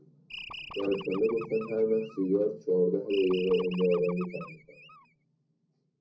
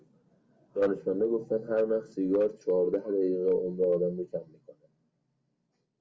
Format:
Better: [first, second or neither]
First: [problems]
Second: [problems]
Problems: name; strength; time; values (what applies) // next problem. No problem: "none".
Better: second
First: background sound (Animal); 15 dB below the speech // room echo; dies away in 0.4 s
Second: none